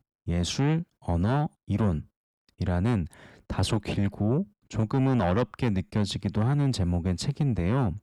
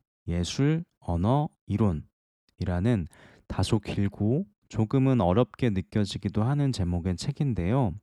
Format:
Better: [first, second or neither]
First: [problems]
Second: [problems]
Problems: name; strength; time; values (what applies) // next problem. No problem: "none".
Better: second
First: distortion; slight; 10 dB below the speech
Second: none